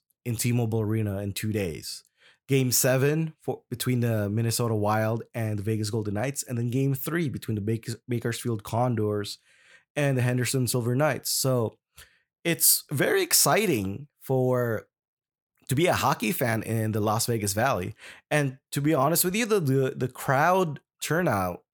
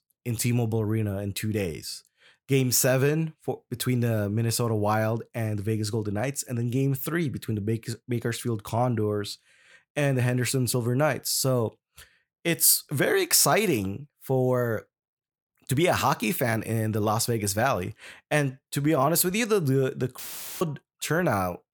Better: first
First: none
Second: audio cutting out; filled with static; at 20 s

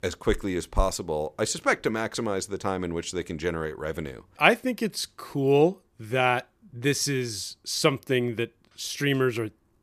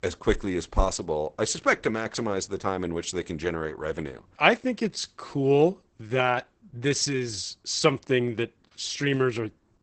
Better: first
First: none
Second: garbled, watery; badly; nothing above 8 kHz

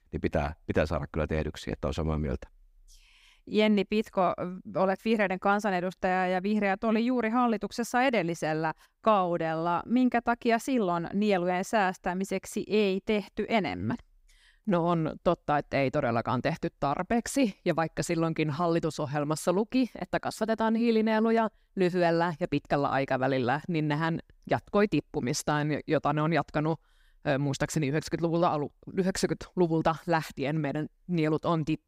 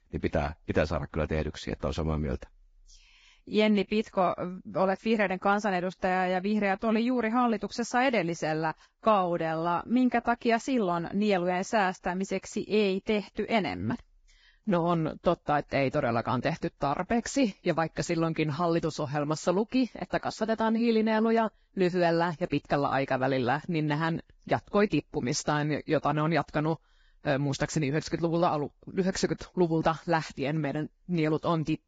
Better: first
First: none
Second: garbled, watery; badly; nothing above 7.5 kHz

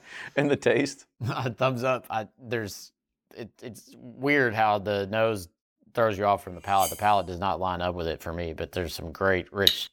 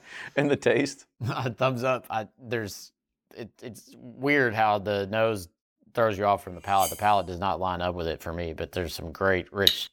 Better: neither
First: clattering dishes; noticeable; at 7 s; peak 6 dB below the speech // clattering dishes; very faint; at 9.5 s; peak 4 dB above the speech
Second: clattering dishes; noticeable; at 7 s; peak 6 dB below the speech // clattering dishes; very faint; at 9.5 s; peak 4 dB above the speech

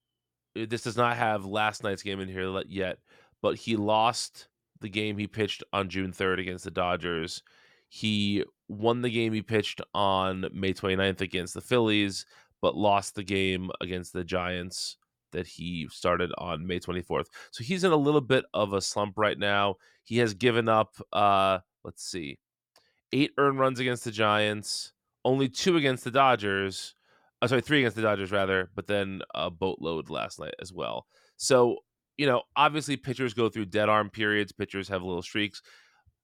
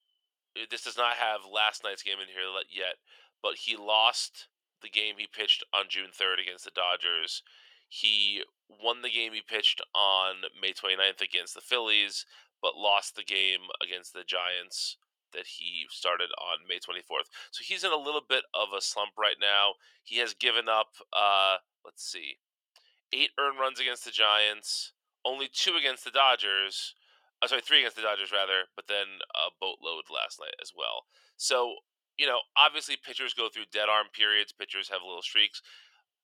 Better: first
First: none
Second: thin; very; fading below 550 Hz

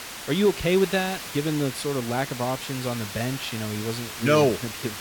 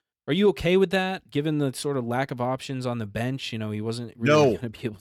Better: second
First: hiss; loud; throughout; 9 dB below the speech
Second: none

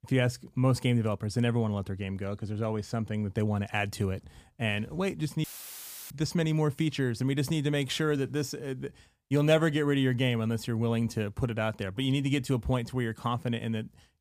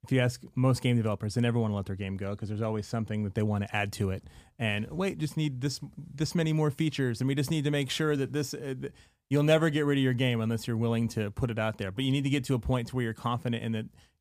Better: second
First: audio cutting out; filled with static; at 5.5 s for 0.5 s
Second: none

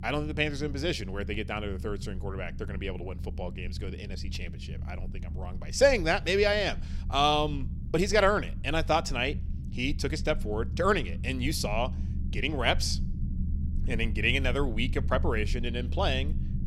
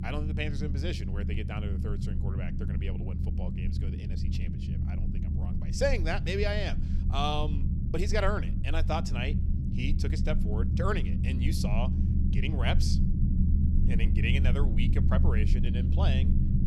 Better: first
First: low rumble; faint; throughout; 20 dB below the speech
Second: low rumble; loud; throughout; 7 dB below the speech

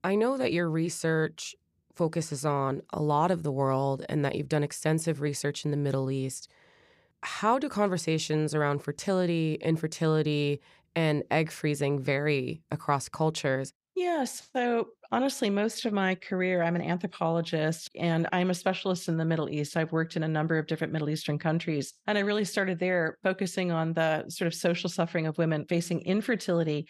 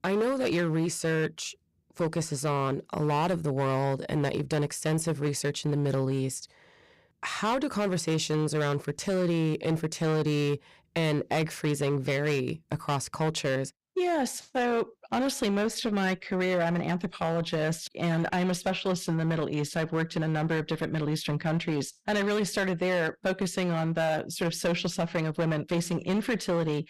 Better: first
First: none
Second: distortion; slight; 11% of the sound clipped

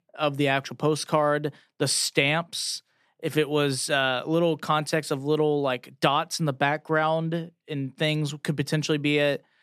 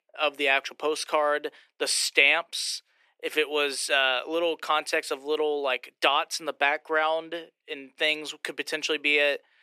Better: first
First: none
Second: thin; very; fading below 400 Hz

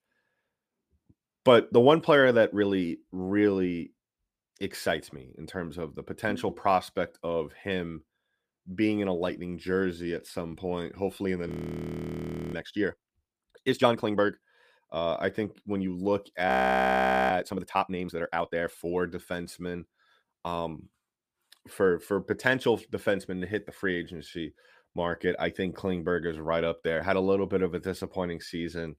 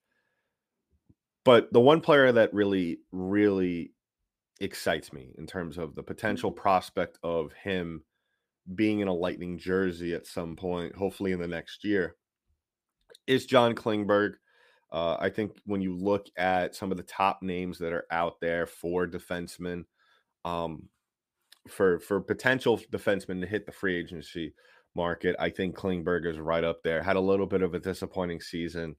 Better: second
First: audio freezing; at 11 s for 1 s and at 16 s for 1 s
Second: none

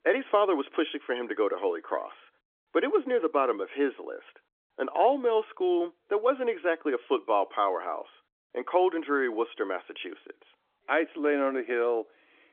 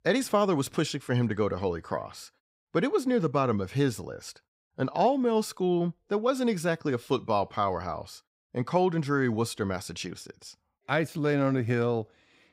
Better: second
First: phone-call audio; nothing above 3.5 kHz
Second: none

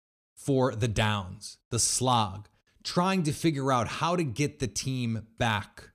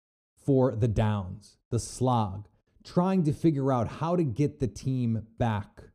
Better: first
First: none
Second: muffled; slightly; fading above 1 kHz

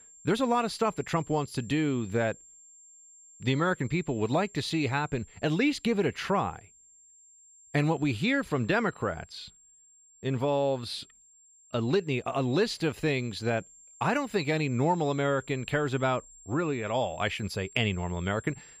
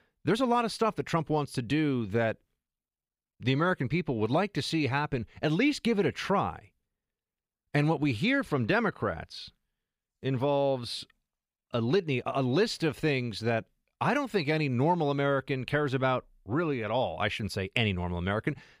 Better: second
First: high-pitched whine; faint; throughout; 7.5 kHz, 25 dB below the speech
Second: none

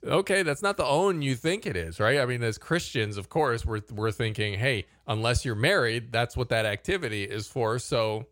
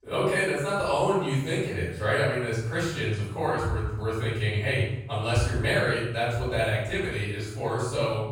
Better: first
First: none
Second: room echo; strong; dies away in 0.8 s // off-mic speech; far

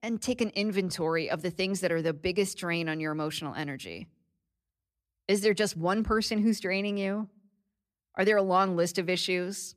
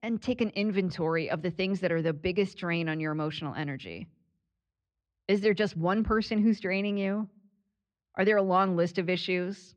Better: first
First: none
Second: muffled; very slightly; fading above 4 kHz

